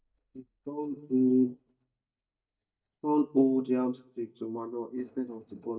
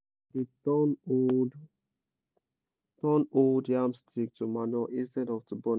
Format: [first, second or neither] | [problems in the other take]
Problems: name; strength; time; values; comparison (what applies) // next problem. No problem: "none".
second | noise reduction (neural mask model DeepFilterNet 3)